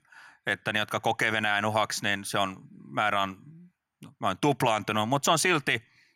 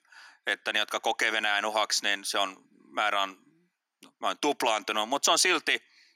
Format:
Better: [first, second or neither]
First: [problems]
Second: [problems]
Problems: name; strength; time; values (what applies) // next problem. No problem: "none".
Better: first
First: none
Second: thin; somewhat; fading below 300 Hz